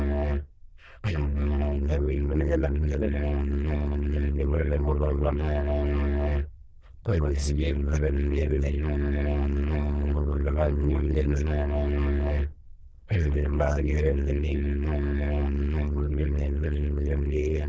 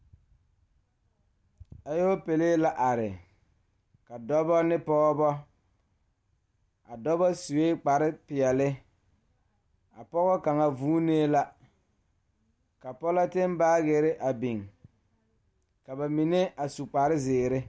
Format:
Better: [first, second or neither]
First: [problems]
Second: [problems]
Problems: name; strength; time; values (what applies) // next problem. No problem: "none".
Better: second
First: noise reduction (neural diffusion model UNIVERSE++)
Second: none